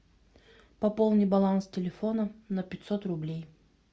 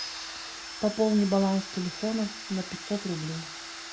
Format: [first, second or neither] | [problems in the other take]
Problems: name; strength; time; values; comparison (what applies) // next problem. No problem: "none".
first | background sound (Domestic sounds, home sounds); 10 dB below the speech